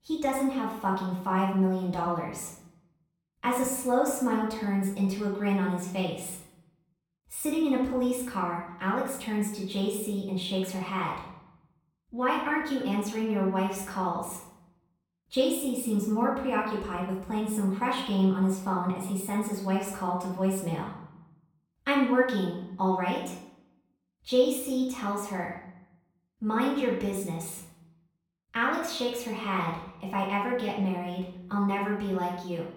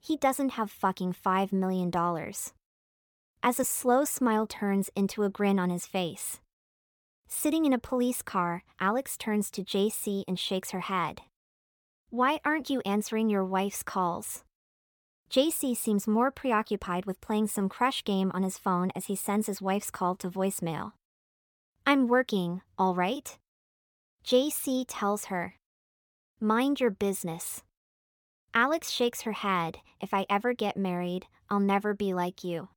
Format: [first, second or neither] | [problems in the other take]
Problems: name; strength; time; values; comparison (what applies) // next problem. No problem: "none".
second | off-mic speech; far // room echo; noticeable; dies away in 0.7 s